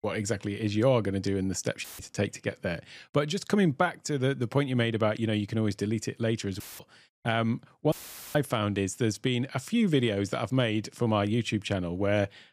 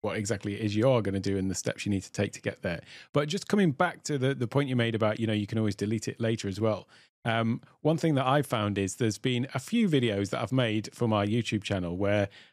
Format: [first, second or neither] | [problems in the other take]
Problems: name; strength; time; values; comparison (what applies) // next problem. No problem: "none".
second | audio cutting out; filled with static; at 2 s, at 6.5 s and at 8 s